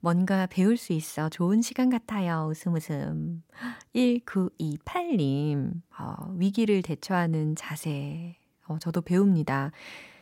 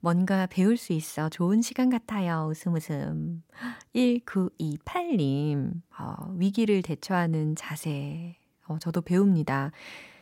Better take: neither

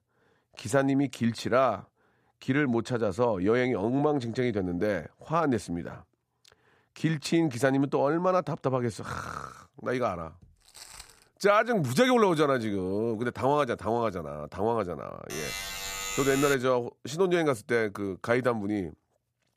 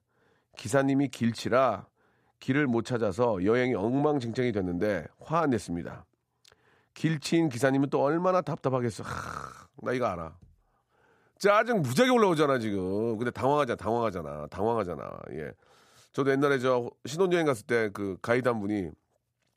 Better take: second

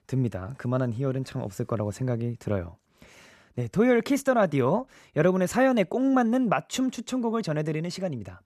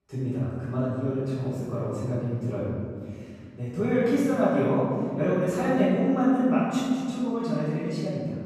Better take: first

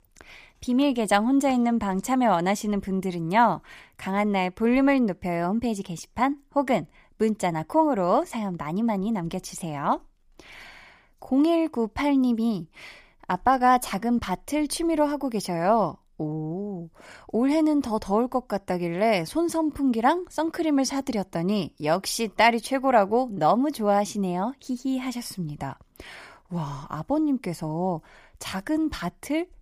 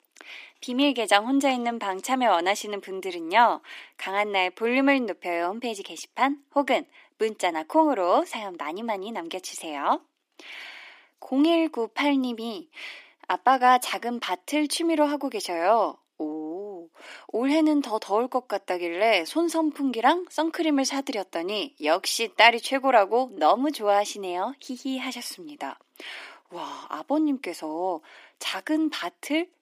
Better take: first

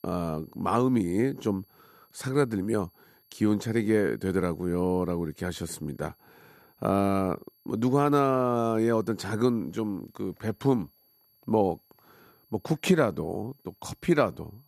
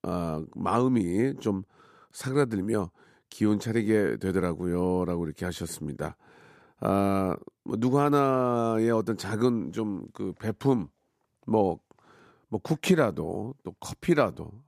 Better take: second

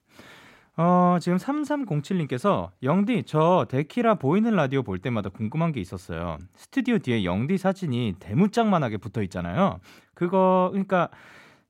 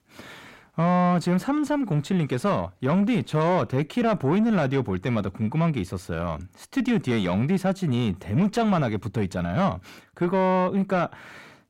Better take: first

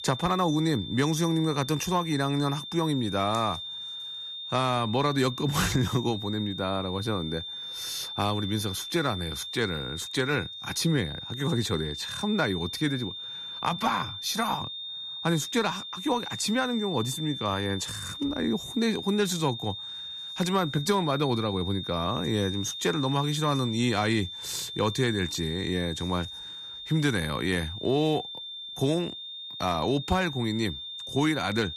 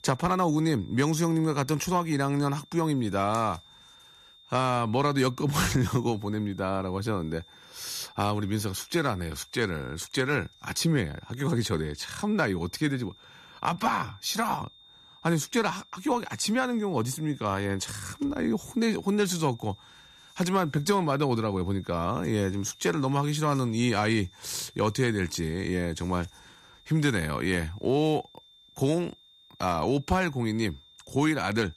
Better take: second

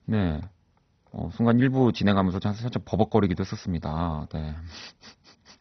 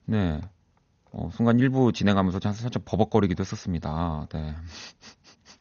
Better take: second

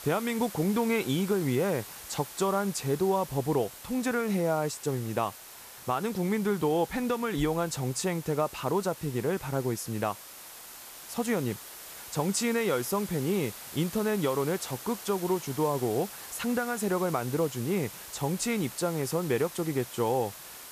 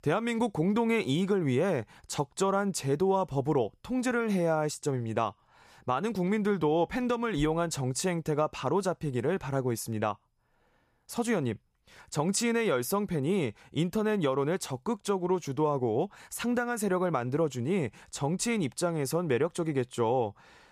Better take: second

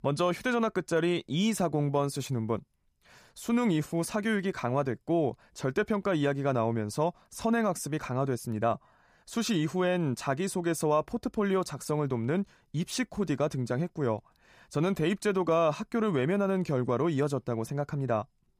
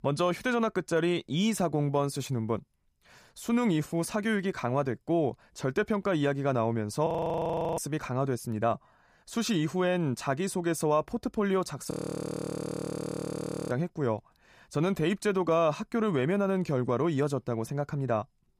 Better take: first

